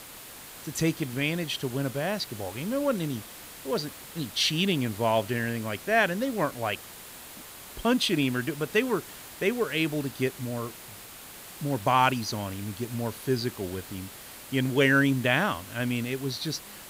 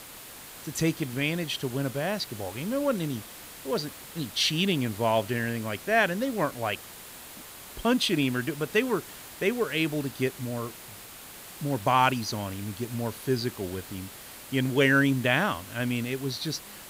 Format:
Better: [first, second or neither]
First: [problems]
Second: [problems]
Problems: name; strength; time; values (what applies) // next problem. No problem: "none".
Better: neither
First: hiss; noticeable; throughout; 15 dB below the speech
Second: hiss; noticeable; throughout; 15 dB below the speech